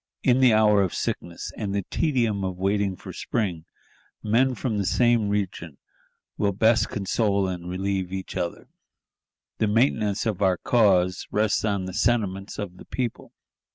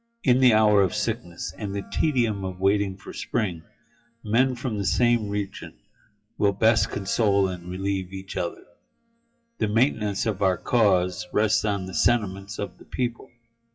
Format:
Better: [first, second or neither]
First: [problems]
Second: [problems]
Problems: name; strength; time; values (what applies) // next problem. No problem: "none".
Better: first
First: none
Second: noise reduction (classical method WPE with log-MMSE)